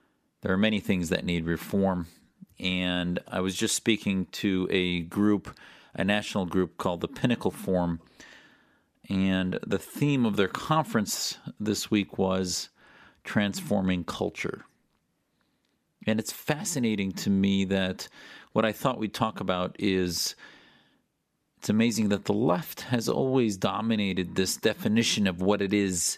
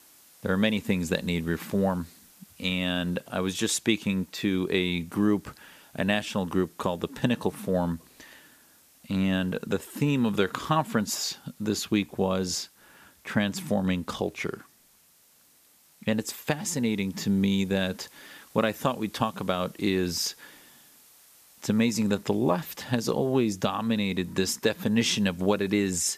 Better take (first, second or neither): first